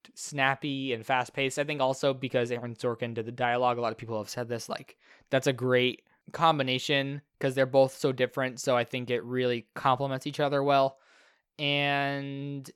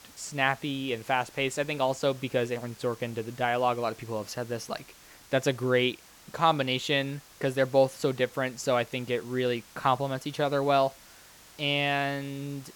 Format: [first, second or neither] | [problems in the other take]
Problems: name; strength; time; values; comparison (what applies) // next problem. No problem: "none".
first | hiss; faint; throughout; 20 dB below the speech